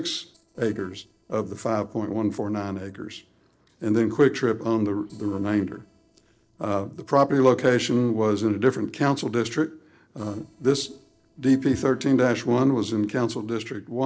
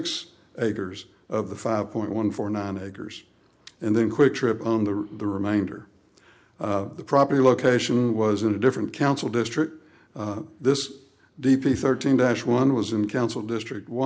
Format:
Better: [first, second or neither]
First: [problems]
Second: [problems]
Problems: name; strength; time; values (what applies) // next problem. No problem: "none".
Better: second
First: noise reduction (neural separator model SepFormer DNS4)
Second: none